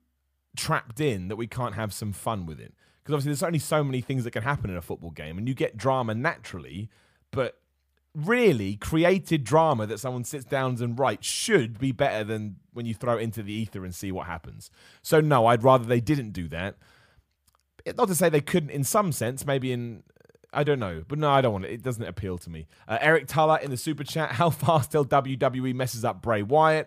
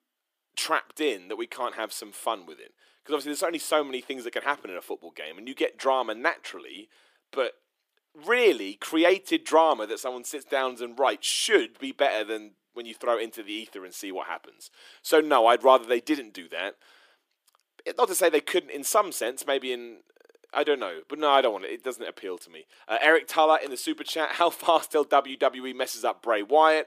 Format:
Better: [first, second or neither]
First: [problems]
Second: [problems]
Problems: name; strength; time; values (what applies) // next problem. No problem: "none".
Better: first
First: none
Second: thin; somewhat; fading below 300 Hz